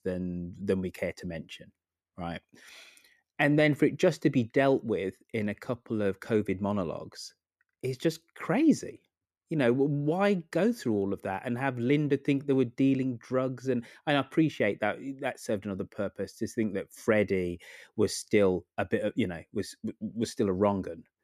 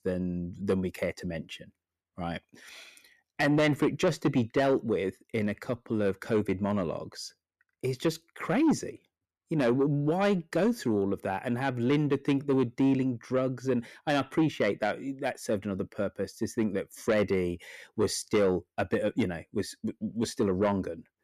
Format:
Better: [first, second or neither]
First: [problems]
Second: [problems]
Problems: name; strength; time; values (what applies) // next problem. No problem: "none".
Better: first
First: none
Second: distortion; slight; 10 dB below the speech